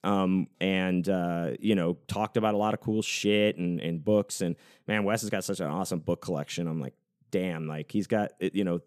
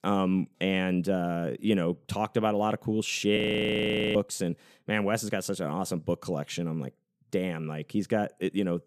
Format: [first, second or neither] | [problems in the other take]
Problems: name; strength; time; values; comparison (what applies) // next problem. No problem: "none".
first | audio freezing; at 3.5 s for 1 s